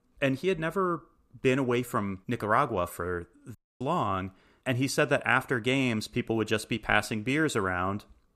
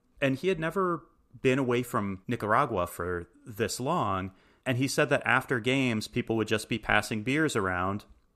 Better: second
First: audio cutting out; at 3.5 s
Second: none

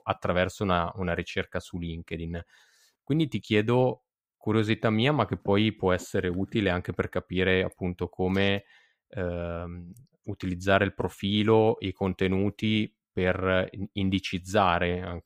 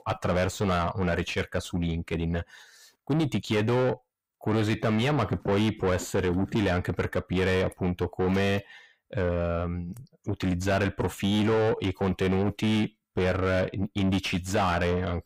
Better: first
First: none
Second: distortion; heavy; 6 dB below the speech

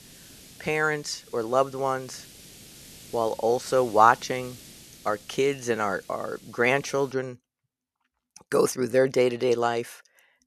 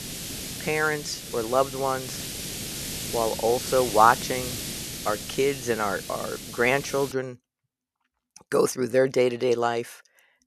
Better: first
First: hiss; faint; until 7 s; 20 dB below the speech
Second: hiss; loud; until 7 s; 8 dB below the speech

